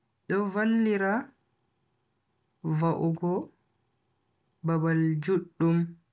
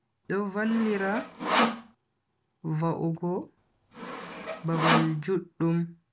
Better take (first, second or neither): first